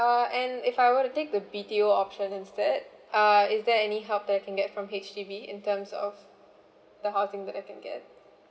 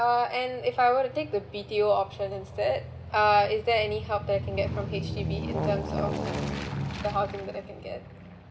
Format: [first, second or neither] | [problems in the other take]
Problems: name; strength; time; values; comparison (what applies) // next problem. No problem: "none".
first | background sound (Aircraft); 7 dB below the speech